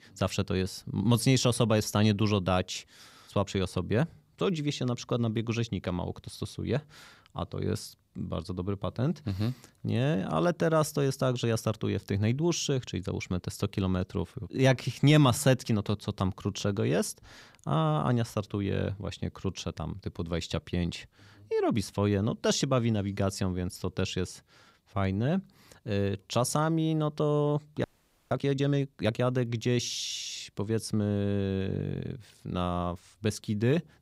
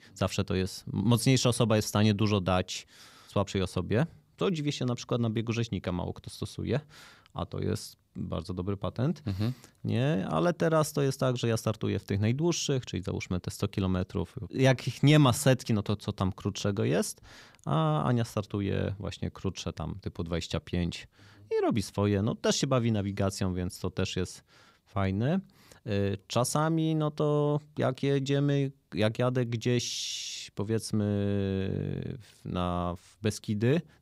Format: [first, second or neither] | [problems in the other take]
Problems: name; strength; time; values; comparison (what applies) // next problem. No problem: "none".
second | audio freezing; at 28 s